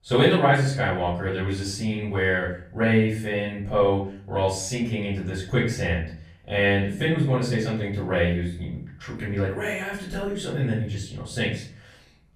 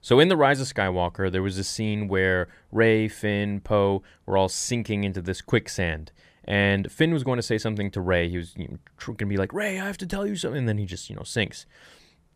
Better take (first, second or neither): second